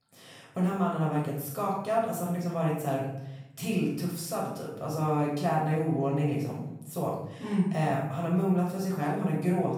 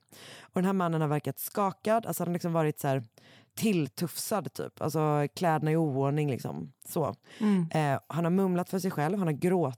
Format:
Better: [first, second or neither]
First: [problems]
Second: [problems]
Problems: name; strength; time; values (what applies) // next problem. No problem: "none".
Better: second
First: off-mic speech; far // room echo; noticeable; dies away in 0.7 s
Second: none